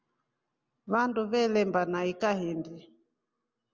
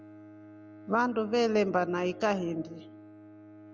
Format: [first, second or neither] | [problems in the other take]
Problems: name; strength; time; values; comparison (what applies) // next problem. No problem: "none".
first | background sound (Bowed string instrument); 18 dB below the speech